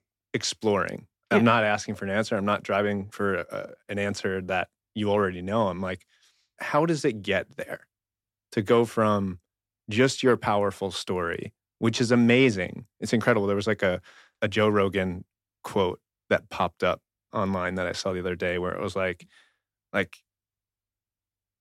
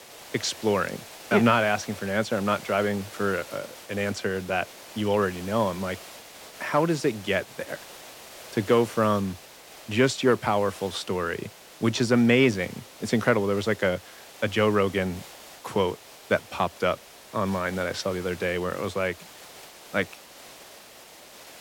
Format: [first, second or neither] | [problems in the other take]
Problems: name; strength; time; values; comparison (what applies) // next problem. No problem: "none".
first | hiss; noticeable; throughout; 15 dB below the speech